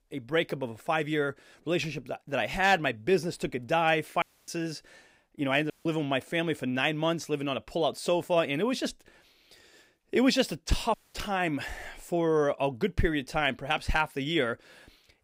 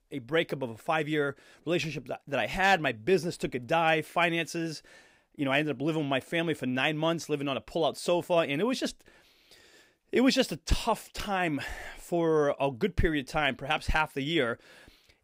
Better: second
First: audio cutting out; at 4 s, at 5.5 s and at 11 s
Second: none

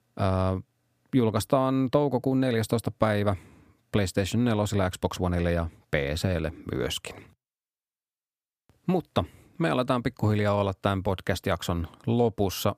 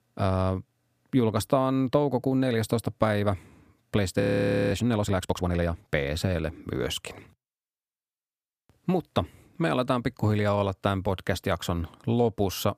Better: first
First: none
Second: audio freezing; at 4 s for 0.5 s

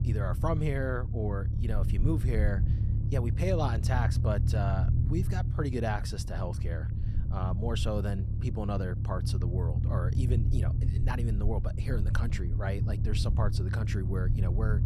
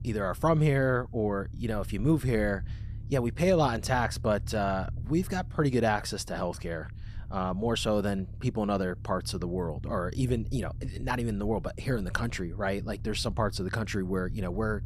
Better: second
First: low rumble; loud; throughout; 7 dB below the speech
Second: low rumble; faint; throughout; 25 dB below the speech

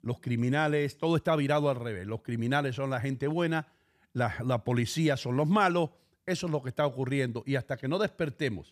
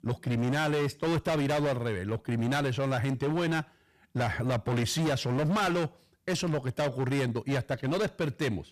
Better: first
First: none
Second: distortion; heavy; 25% of the sound clipped

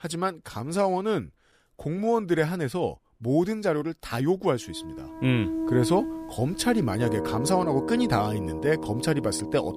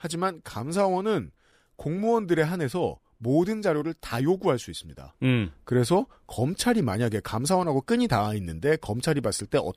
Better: second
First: background music; loud; from 5 s on; 6 dB below the speech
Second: none

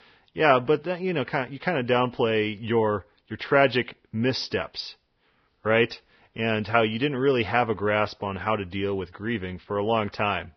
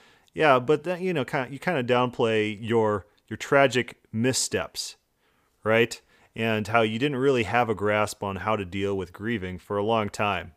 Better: second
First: garbled, watery; badly; nothing above 5.5 kHz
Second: none

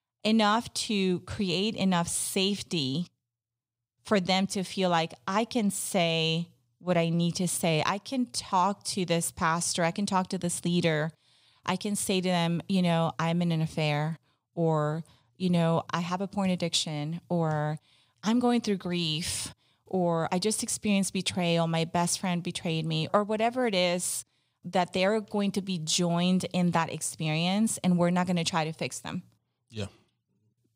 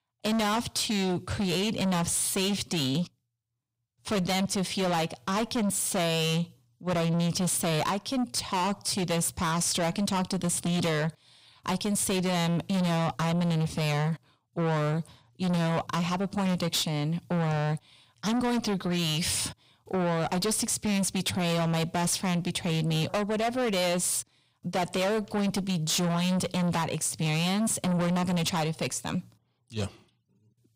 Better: first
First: none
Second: distortion; heavy; 7 dB below the speech

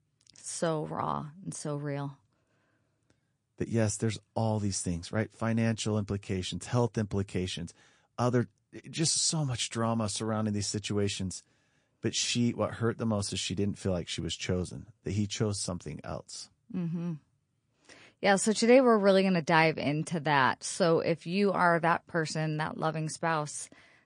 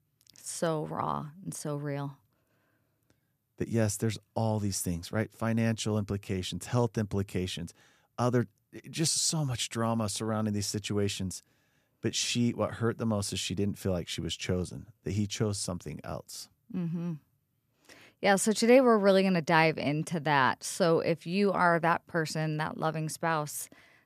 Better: second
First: garbled, watery; slightly; nothing above 9 kHz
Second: none

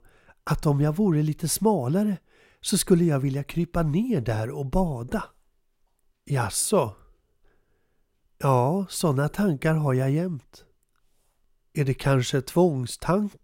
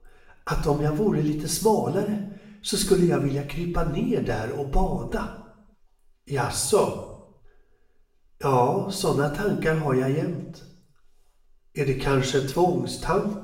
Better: first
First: none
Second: room echo; noticeable; dies away in 0.7 s // off-mic speech; far

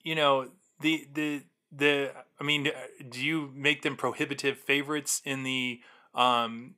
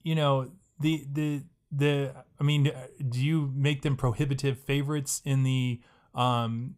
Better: second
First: thin; somewhat; fading below 250 Hz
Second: none

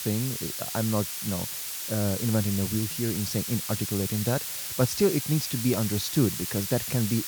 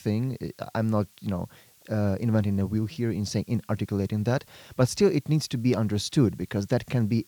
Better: second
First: hiss; loud; throughout; 3 dB below the speech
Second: hiss; faint; throughout; 30 dB below the speech

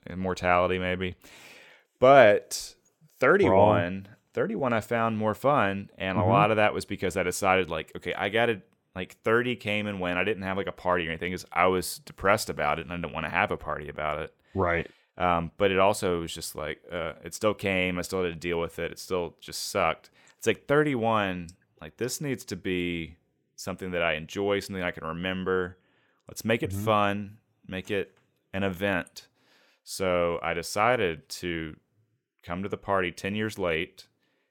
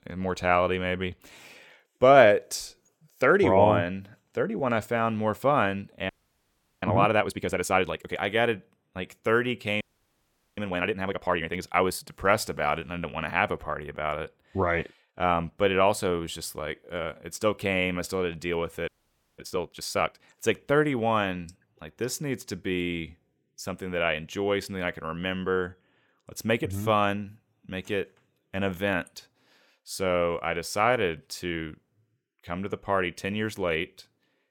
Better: first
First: none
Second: audio freezing; at 6 s for 0.5 s, at 10 s for 1 s and at 19 s for 0.5 s

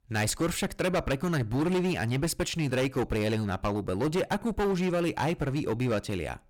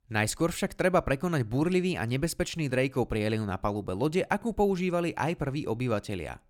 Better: second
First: distortion; heavy; 16% of the sound clipped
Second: none

